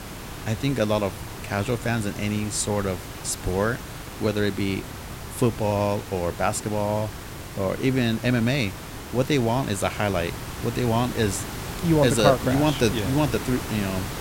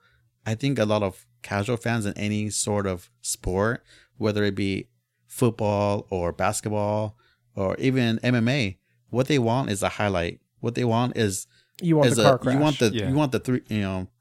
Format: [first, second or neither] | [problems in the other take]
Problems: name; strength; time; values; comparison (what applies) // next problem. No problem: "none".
second | hiss; loud; throughout; 10 dB below the speech